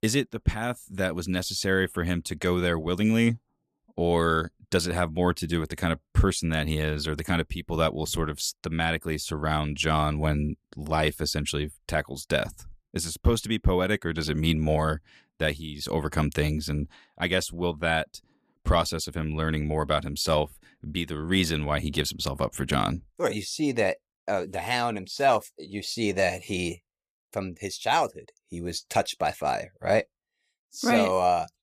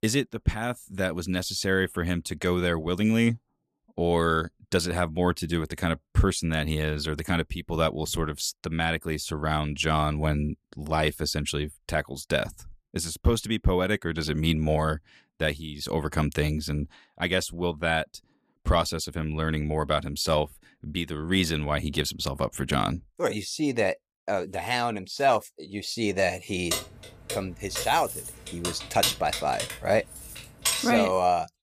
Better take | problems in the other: first | jangling keys; loud; from 27 to 31 s; peak 1 dB above the speech

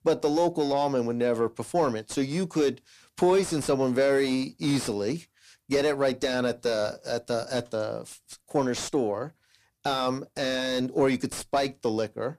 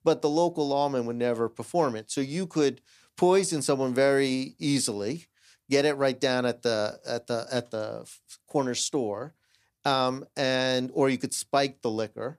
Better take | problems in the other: second | distortion; slight; 10 dB below the speech

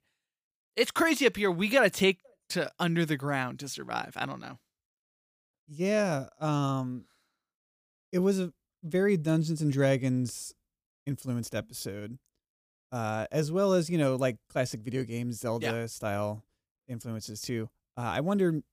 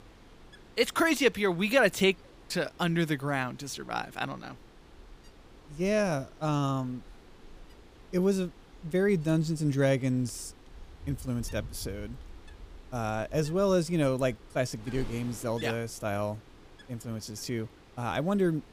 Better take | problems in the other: first | wind noise on the microphone; occasional gusts; 25 dB below the speech

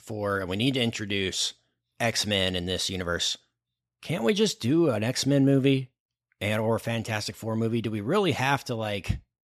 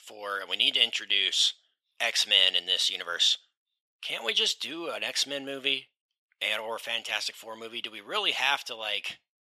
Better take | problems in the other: first | thin; very; fading below 750 Hz

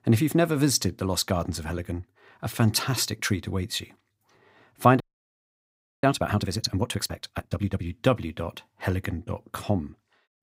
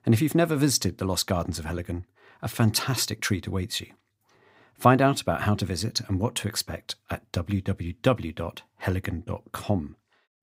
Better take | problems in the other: second | audio freezing; at 5 s for 1 s

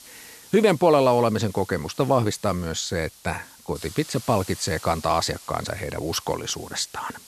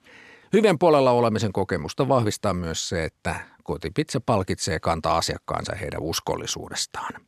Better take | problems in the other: second | hiss; noticeable; throughout; 20 dB below the speech

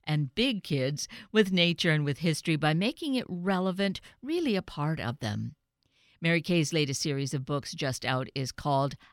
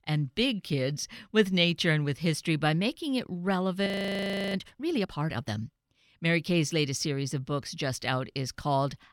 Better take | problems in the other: first | audio freezing; at 4 s for 0.5 s

